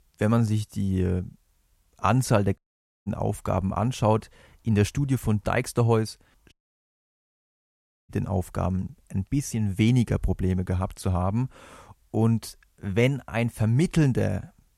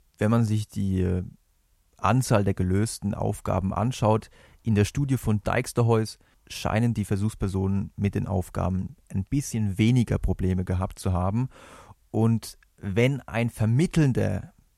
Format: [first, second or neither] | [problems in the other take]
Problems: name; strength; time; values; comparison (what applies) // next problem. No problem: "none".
second | audio cutting out; at 2.5 s and at 6.5 s for 1.5 s